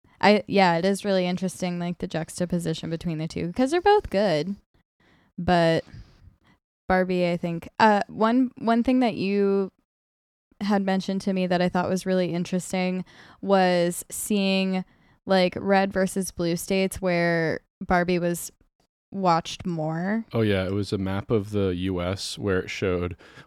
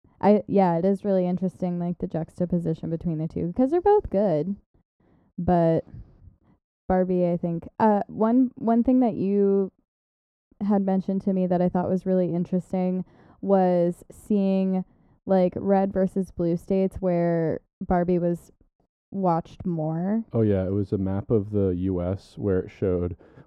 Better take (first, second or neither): first